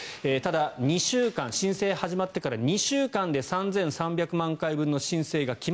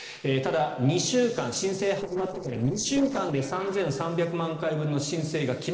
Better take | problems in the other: first | noise reduction (neural separator model SepFormer DNS4)

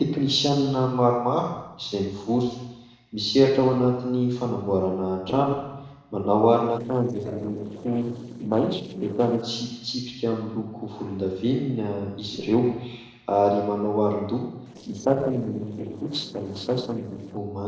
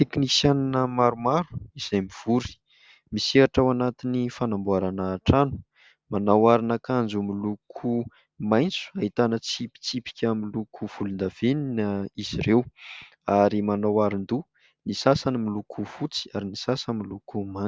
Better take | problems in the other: second | noise reduction (neural separator model SepFormer DNS4)

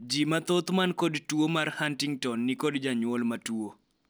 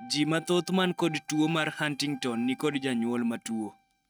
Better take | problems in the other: first | noise reduction (neural mask model RNNoise)

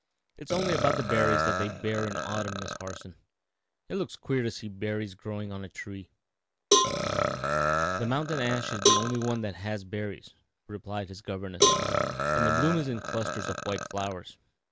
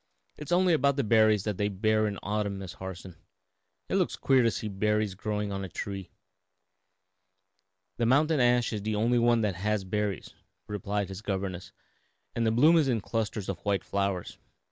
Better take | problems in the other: second | background sound (Burping, eructation + Cowbell); 4 dB above the speech

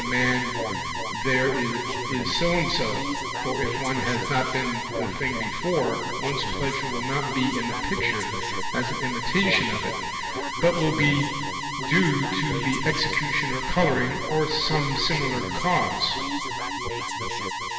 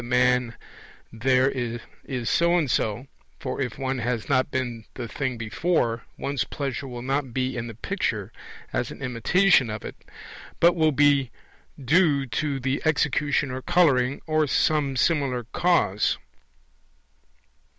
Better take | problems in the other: second | background sound (Alarm); 3 dB below the speech // room echo; dies away in 2.1 s

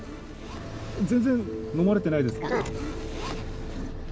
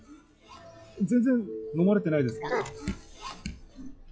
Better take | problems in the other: first | noise reduction (classical method log-MMSE)

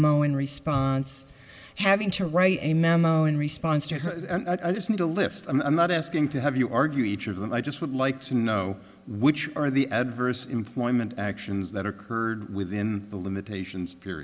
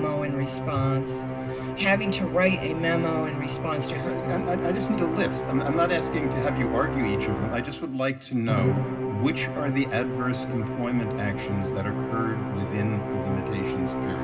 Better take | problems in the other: first | background sound (Musical instrument); 2 dB below the speech // room echo; dies away in 0.2 s

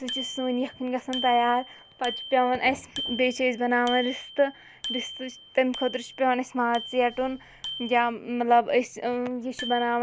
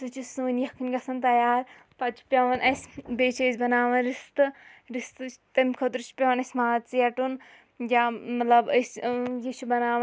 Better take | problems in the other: second | background sound (Bicycle bell); 13 dB below the speech

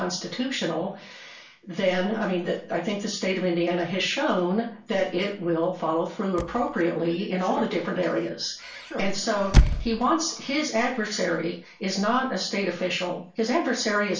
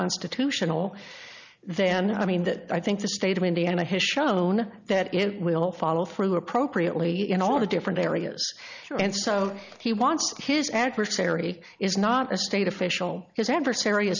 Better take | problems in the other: second | background sound (Squeak / Slam / Wood); 1 dB below the speech // room echo; dies away in 0.3 s

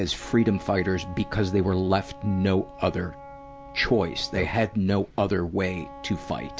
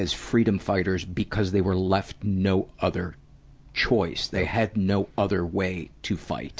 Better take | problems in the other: second | background sound (Wind instrument, woodwind instrument); 18 dB below the speech

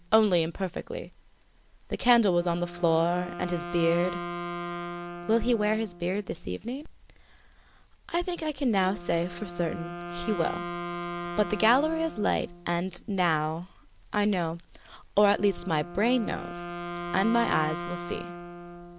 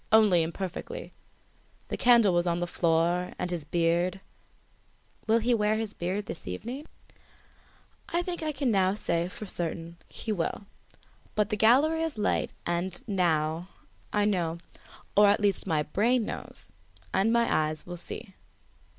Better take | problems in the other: second | background sound (Wind instrument, woodwind instrument); 10 dB below the speech

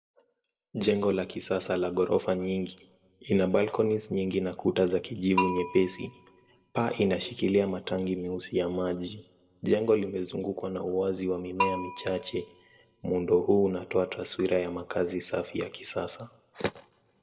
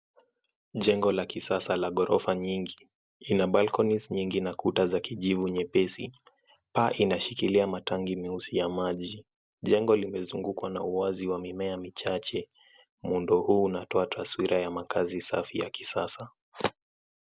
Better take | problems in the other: second | background sound (Bell); 9 dB below the speech // room echo; dies away in 0.9 s

